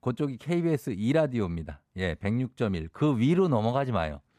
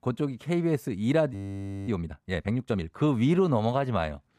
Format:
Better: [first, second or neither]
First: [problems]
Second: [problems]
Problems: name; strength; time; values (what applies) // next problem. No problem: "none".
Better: first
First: none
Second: audio freezing; at 1.5 s for 0.5 s